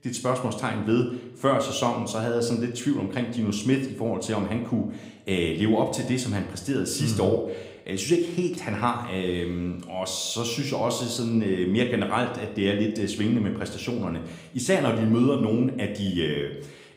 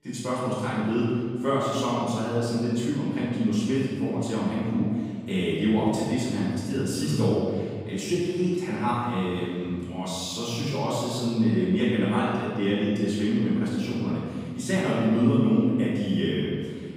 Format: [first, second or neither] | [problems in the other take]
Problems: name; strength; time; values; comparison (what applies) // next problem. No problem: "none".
first | room echo; strong; dies away in 1.8 s; slight in the first // off-mic speech; far